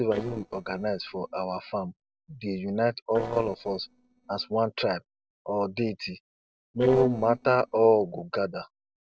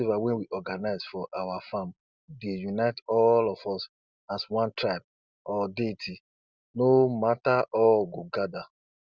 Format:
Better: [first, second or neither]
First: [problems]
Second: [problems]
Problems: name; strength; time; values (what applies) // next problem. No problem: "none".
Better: second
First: noise reduction (neural separator model SepFormer DNS4)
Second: none